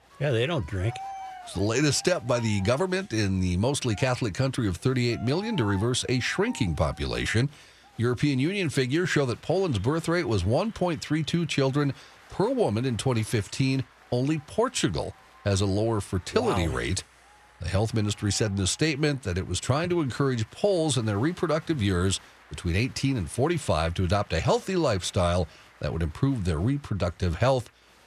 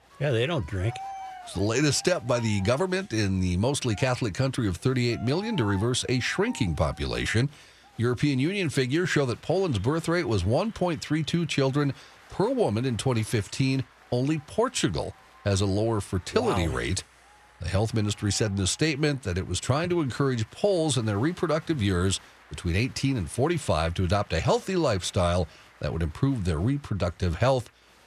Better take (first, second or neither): neither